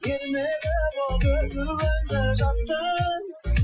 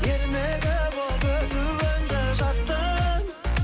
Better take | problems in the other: second | noise reduction (classical method Wiener filter)

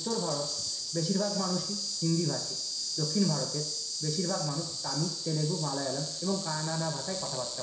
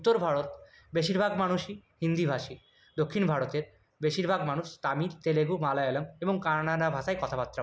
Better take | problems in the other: second | background sound (Insect); 2 dB below the speech // room echo; dies away in 0.7 s

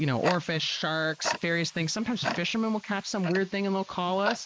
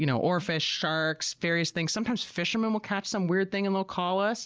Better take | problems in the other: second | noise reduction (neural mask model Resemble Enhance denoiser)

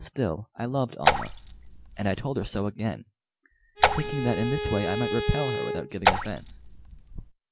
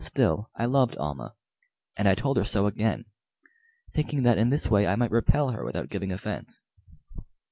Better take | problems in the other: second | background sound (Raindrop / Splash, splatter + Bowed string instrument); 2 dB above the speech

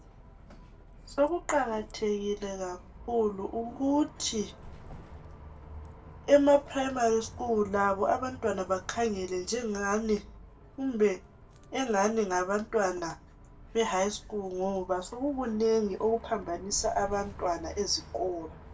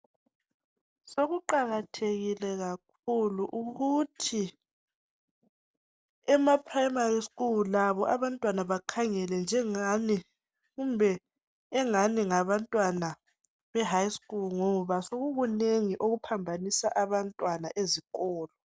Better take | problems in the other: second | background sound (Bus); 17 dB below the speech // room echo; dies away in 0.2 s

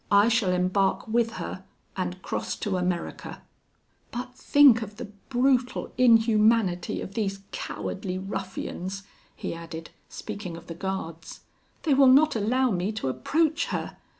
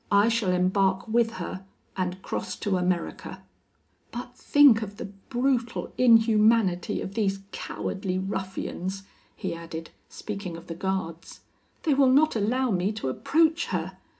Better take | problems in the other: first | room echo; dies away in 0.3 s

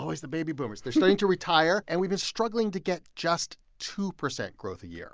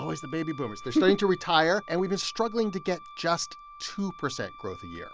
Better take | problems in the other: first | background sound (Wind instrument, woodwind instrument); 18 dB below the speech

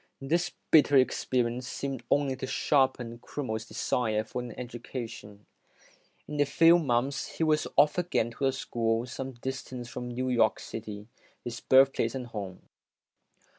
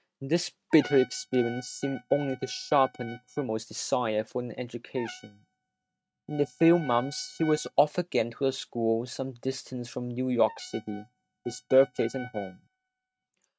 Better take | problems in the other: first | noise reduction (neural mask model RNNoise)

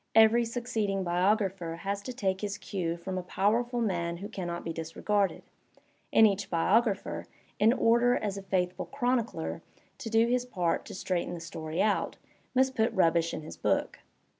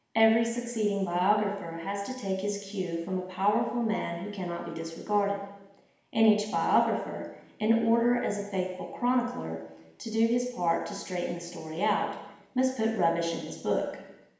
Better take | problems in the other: first | room echo; dies away in 1 s

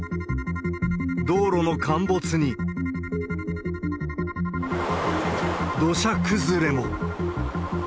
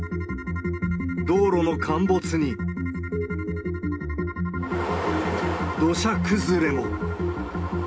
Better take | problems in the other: first | room echo; dies away in 0.3 s

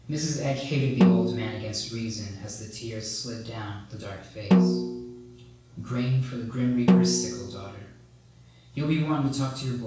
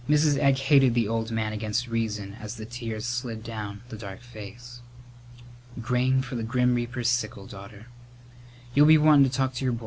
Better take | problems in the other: second | background sound (Snare drum); 4 dB above the speech // room echo; dies away in 0.7 s

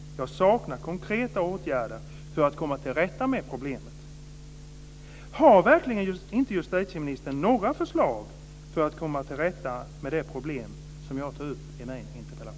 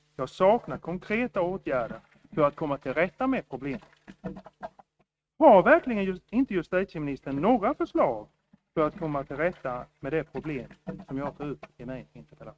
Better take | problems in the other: first | noise reduction (neural mask model RNNoise)

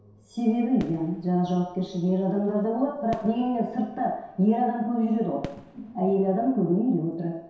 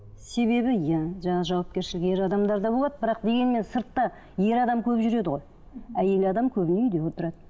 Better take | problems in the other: second | background sound (Fireworks); 20 dB below the speech // room echo; dies away in 0.7 s

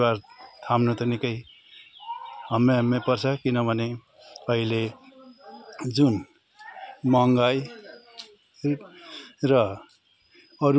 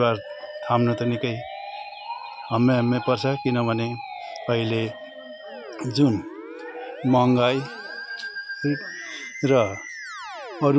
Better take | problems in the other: first | background sound (Musical instrument); 12 dB below the speech

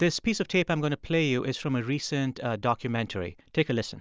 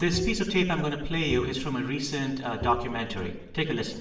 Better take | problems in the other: first | background sound (Bowed string instrument); 9 dB below the speech // room echo; dies away in 0.8 s

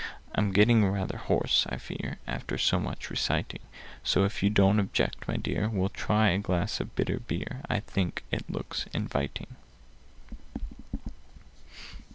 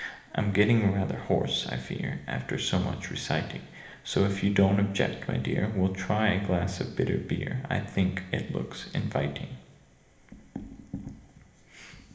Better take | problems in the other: first | room echo; dies away in 1 s

